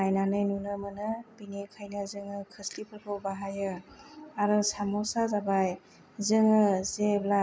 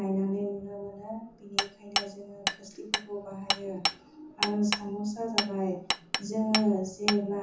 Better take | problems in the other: first | background sound (Hammer); 3 dB below the speech // room echo; dies away in 0.6 s

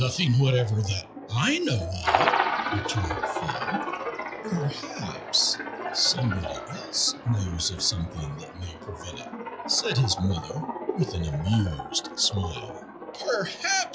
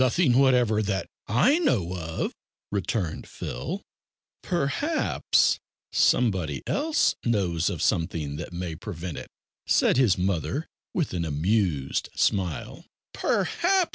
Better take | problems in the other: second | noise reduction (classical method log-MMSE)

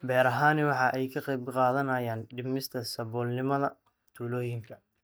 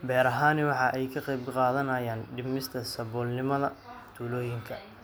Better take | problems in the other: second | noise reduction (neural mask model DeepFilterNet 3)

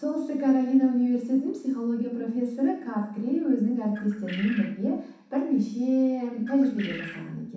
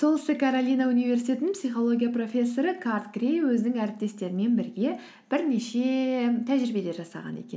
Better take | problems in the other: second | background sound (Bird); 16 dB below the speech // room echo; dies away in 0.7 s

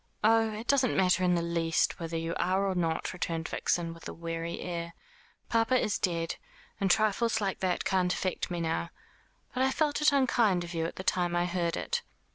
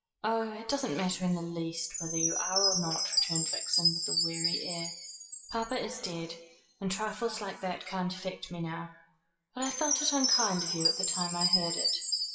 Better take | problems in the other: first | noise reduction (classical method WPE with log-MMSE)

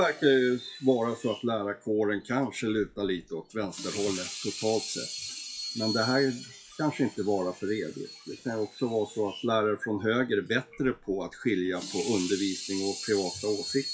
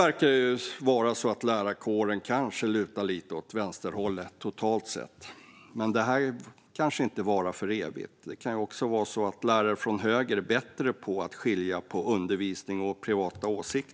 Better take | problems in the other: second | noise reduction (classical method WPE with log-MMSE)

